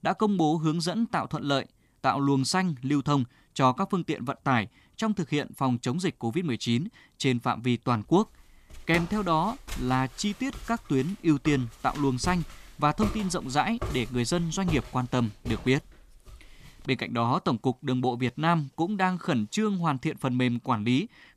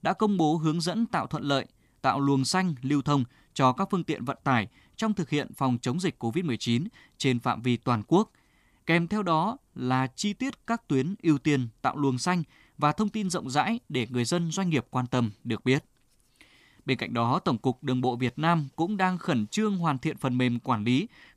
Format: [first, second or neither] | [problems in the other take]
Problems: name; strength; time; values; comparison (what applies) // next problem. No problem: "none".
second | footsteps; noticeable; from 8.5 to 17 s; peak 8 dB below the speech